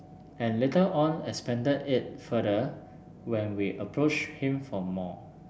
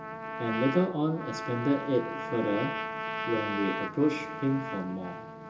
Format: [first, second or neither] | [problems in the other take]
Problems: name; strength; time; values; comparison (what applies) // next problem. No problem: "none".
first | background sound (Trumpet); 6 dB below the speech // room echo; dies away in 0.2 s